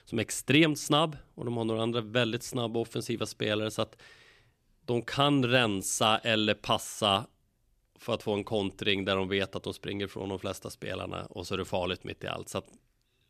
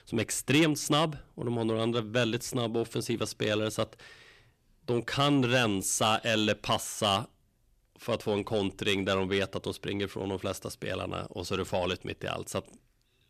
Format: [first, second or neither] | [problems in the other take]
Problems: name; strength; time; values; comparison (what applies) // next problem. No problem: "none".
first | distortion; slight; 10 dB below the speech